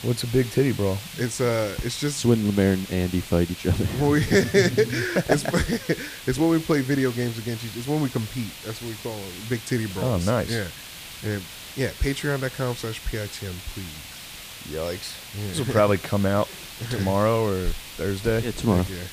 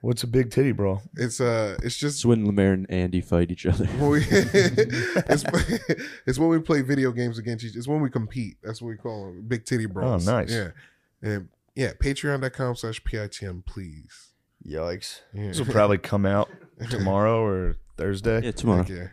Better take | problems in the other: second | hiss; noticeable; throughout; 10 dB below the speech

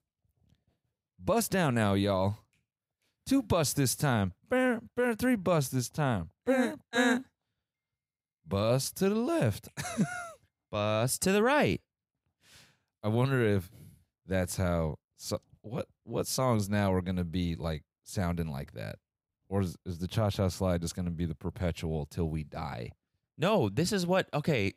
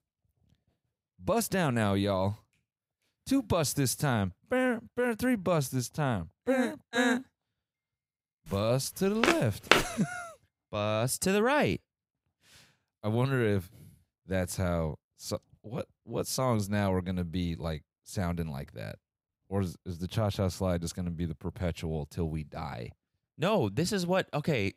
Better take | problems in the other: first | footsteps; loud; at 9 s; peak 6 dB above the speech

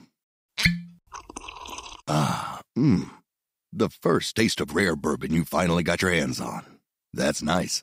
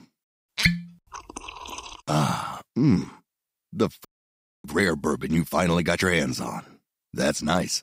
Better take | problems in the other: first | audio cutting out; at 4 s for 0.5 s

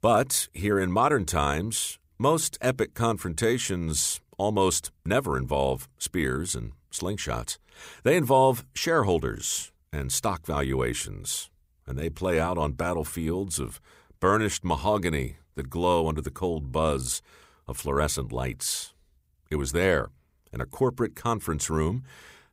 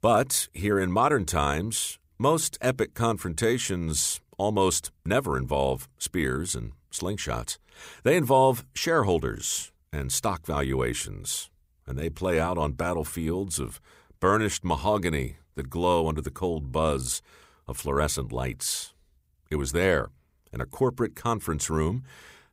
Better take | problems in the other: neither | none

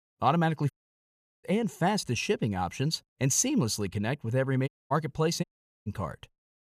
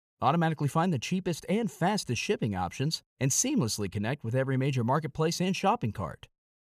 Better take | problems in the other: second | audio cutting out; at 0.5 s for 0.5 s, at 4.5 s and at 5.5 s

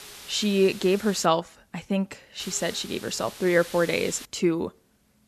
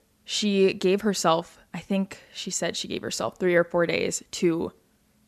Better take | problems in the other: second | hiss; noticeable; until 1.5 s and from 2.5 to 4.5 s; 15 dB below the speech

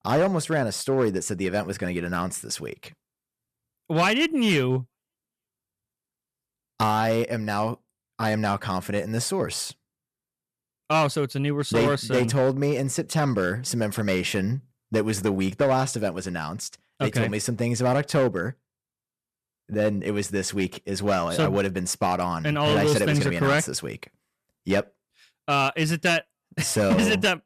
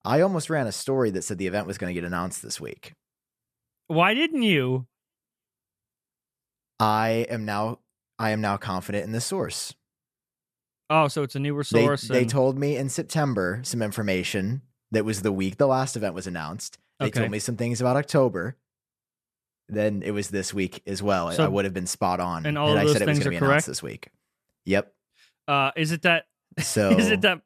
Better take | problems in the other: second | distortion; slight; 4% of the sound clipped

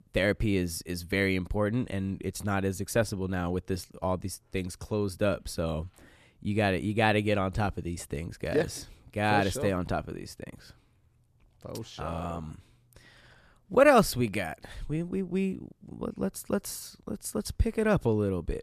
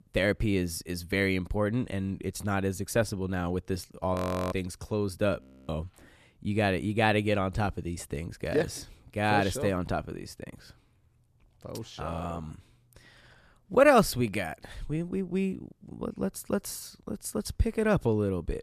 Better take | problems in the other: first | audio freezing; at 4 s and at 5.5 s

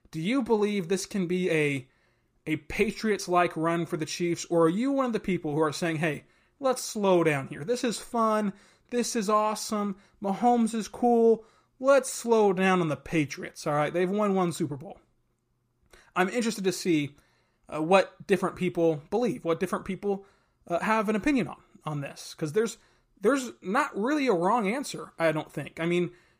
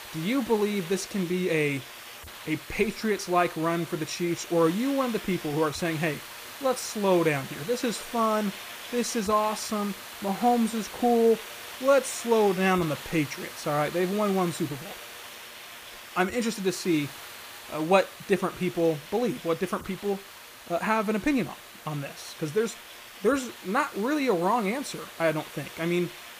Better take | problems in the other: first | hiss; noticeable; throughout; 15 dB below the speech

